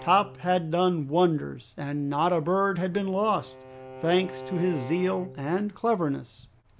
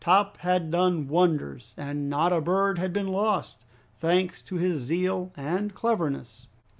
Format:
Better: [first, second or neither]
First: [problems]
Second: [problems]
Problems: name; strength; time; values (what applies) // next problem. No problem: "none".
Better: second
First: background sound (Bowed string instrument); 18 dB below the speech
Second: none